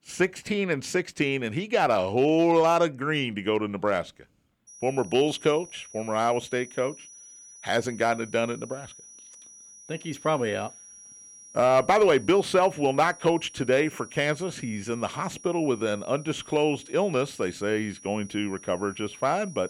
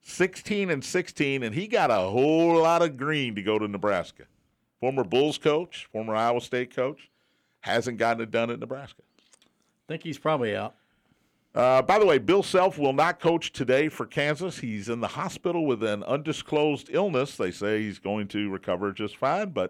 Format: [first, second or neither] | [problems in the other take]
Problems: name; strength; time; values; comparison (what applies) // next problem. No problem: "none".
second | high-pitched whine; noticeable; from 4.5 s on; 5.5 kHz, 20 dB below the speech